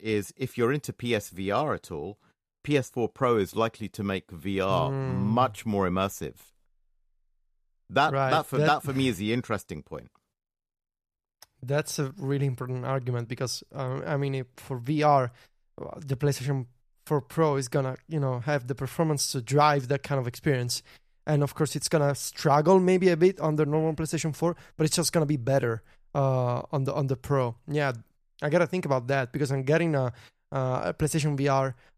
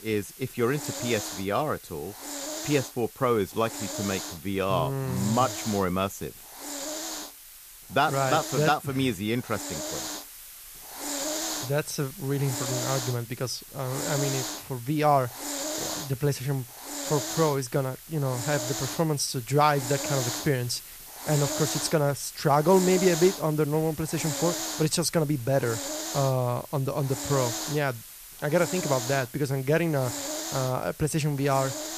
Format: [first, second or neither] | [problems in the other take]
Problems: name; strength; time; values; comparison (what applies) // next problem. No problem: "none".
first | hiss; loud; throughout; 7 dB below the speech